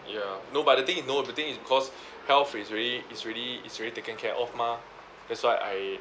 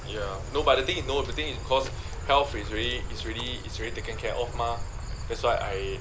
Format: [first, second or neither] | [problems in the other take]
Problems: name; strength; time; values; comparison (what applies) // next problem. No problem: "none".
first | background sound (Dog); 5 dB below the speech